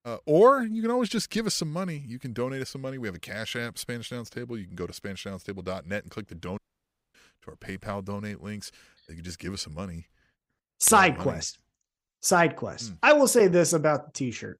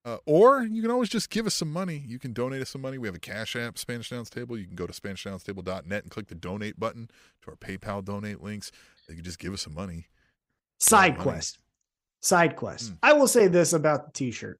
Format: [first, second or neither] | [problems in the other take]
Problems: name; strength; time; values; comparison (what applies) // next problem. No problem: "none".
second | audio cutting out; at 6.5 s for 0.5 s